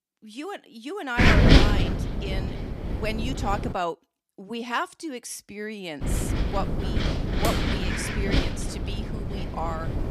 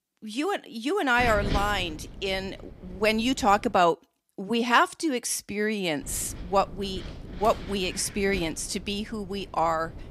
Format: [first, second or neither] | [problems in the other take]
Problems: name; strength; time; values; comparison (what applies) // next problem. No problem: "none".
second | wind noise on the microphone; heavy; from 1 to 3.5 s and from 6 s on; 4 dB above the speech; occasional gusts in the second